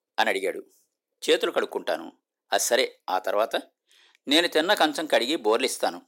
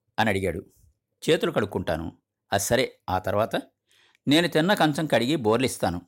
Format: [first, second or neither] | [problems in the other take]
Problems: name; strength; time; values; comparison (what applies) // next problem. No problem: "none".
second | thin; somewhat; fading below 300 Hz